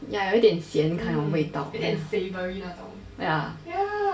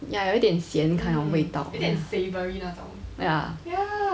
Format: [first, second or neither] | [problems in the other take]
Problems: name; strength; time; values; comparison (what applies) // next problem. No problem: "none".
second | room echo; dies away in 0.2 s